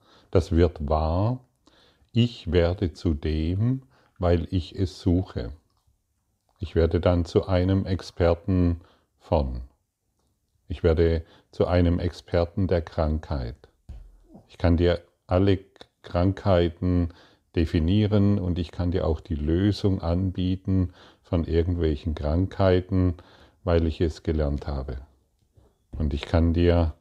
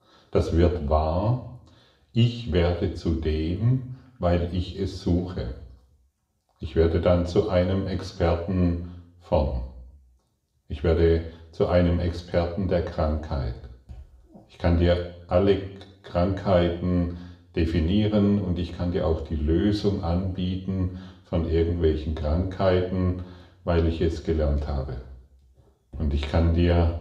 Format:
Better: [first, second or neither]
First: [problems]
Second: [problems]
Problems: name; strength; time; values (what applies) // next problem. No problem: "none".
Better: first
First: none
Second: room echo; slight; dies away in 0.6 s